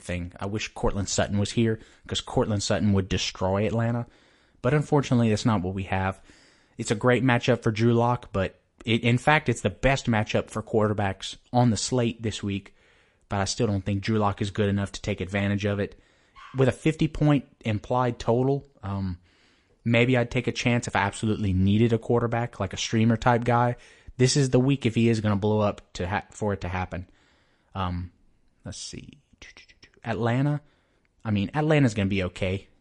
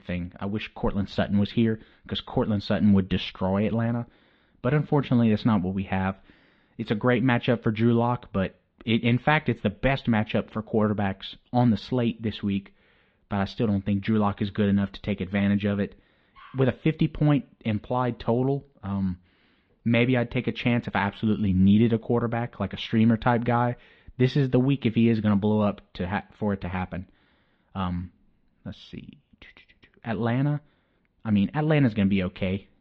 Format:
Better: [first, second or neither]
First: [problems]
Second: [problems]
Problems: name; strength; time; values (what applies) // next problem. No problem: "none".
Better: first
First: none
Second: muffled; slightly; fading above 4 kHz